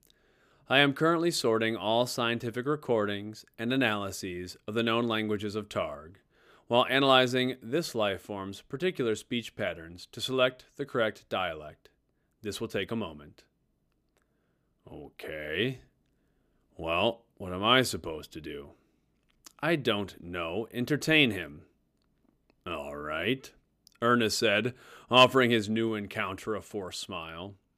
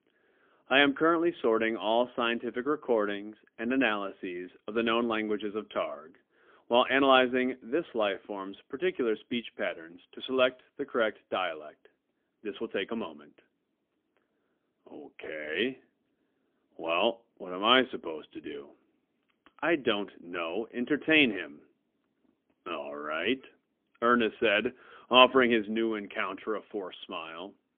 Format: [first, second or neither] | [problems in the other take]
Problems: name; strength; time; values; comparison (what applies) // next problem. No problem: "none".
first | phone-call audio; poor line; nothing above 3.5 kHz